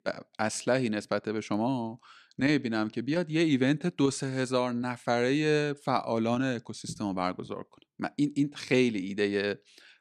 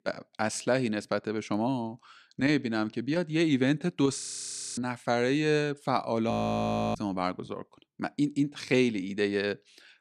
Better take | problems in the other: first | audio freezing; at 4 s for 0.5 s and at 6.5 s for 0.5 s

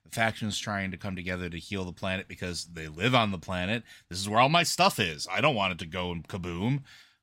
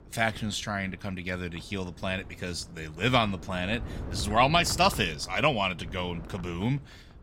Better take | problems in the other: first | wind noise on the microphone; occasional gusts; 20 dB below the speech

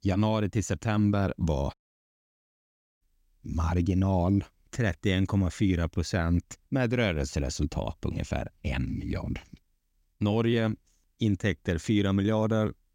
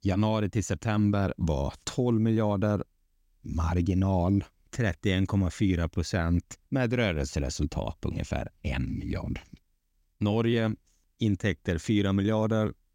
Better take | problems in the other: second | audio cutting out; at 1.5 s for 1.5 s

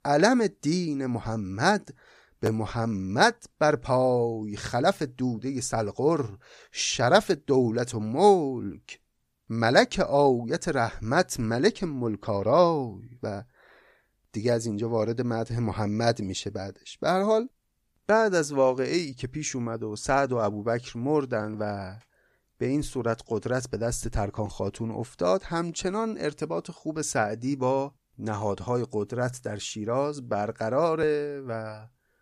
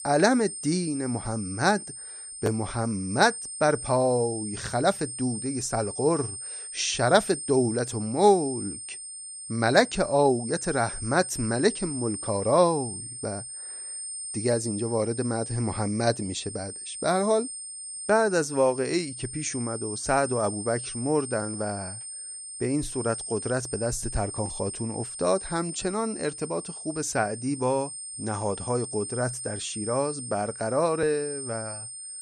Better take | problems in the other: first | high-pitched whine; loud; throughout; 8.5 kHz, 8 dB below the speech

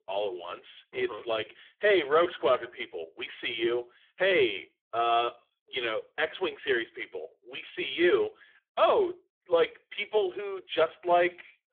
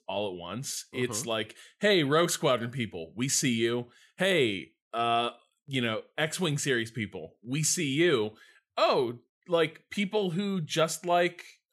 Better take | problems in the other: second | phone-call audio; poor line; nothing above 3.5 kHz

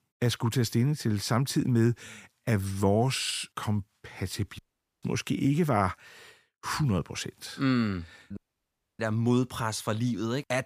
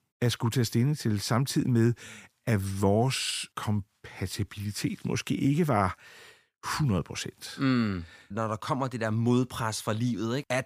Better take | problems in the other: second | audio cutting out; at 4.5 s and at 8.5 s for 0.5 s

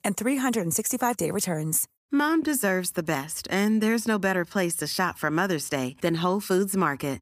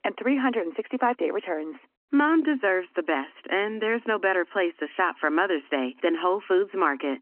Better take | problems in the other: first | phone-call audio

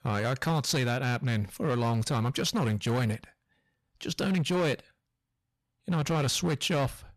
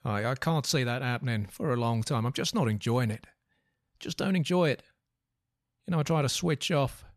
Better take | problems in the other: second | distortion; slight; 14% of the sound clipped

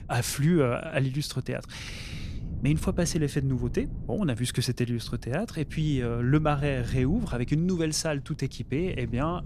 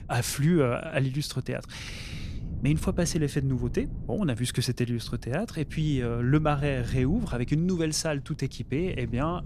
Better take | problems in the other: neither | wind noise on the microphone; occasional gusts; 20 dB below the speech; the same in both

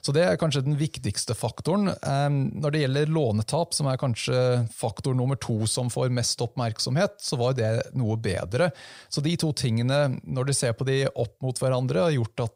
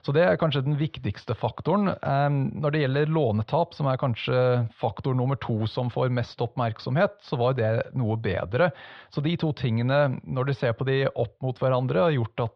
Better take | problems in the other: first | muffled; very; fading above 3.5 kHz

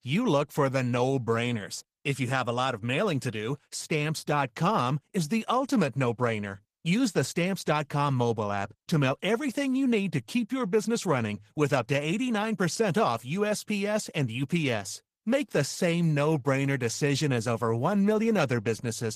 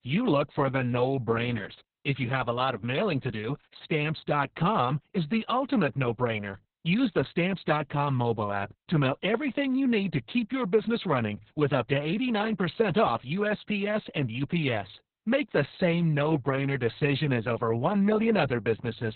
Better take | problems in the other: first | garbled, watery; badly; nothing above 4 kHz; slightly in the first

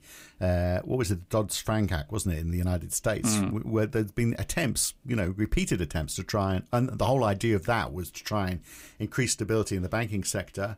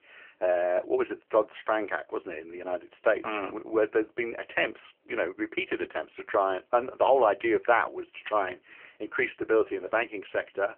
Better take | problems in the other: first | phone-call audio; poor line; nothing above 3 kHz

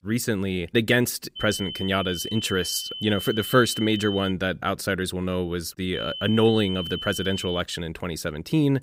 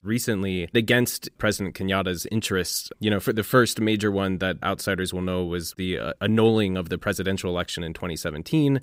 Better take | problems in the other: second | high-pitched whine; loud; from 1.5 to 4.5 s and from 6 to 7.5 s; 3 kHz, 8 dB below the speech

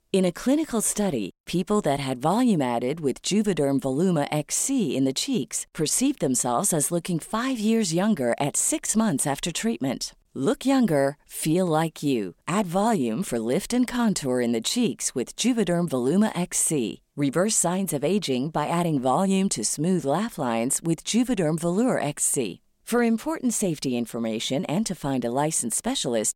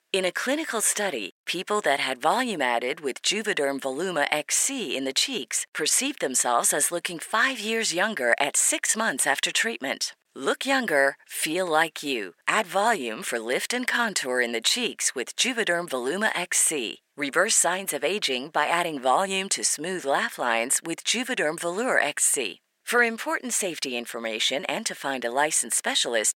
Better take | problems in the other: first | thin; somewhat; fading below 450 Hz

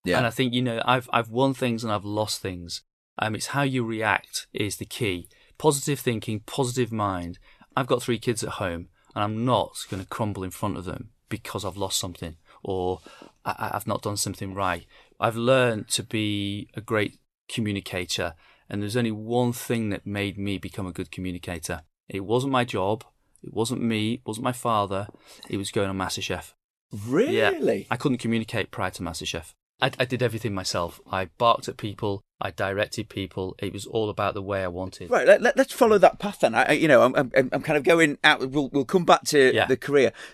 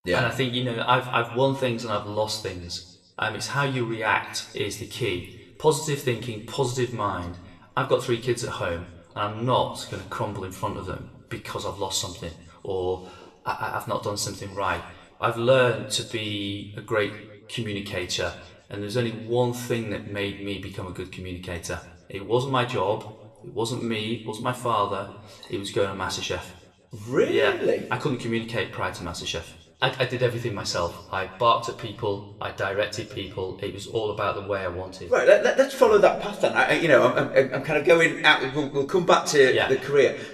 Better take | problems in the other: first | room echo; slight; dies away in 0.8 s

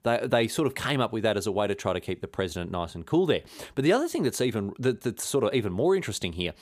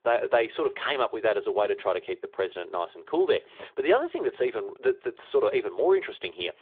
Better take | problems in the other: first | phone-call audio; nothing above 3.5 kHz

